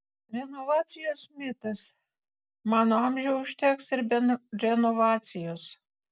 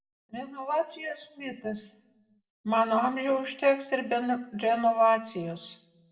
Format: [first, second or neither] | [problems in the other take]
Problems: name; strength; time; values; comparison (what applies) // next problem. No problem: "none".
first | room echo; dies away in 0.7 s